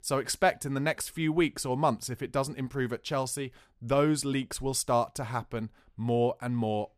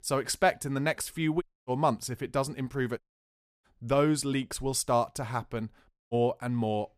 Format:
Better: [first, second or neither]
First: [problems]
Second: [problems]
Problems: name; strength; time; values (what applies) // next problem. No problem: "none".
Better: first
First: none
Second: audio cutting out; at 1.5 s, at 3 s for 0.5 s and at 6 s